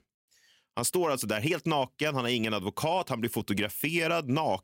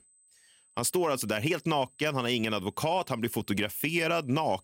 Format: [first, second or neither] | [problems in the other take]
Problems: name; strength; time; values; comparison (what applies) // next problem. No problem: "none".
first | high-pitched whine; faint; throughout; 8 kHz, 30 dB below the speech